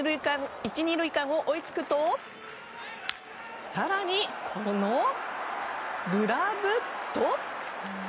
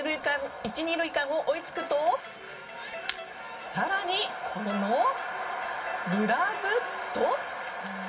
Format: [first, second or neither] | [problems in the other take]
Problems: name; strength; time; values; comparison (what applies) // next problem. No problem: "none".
first | background sound (Crowd); 16 dB below the speech // room echo; dies away in 0.2 s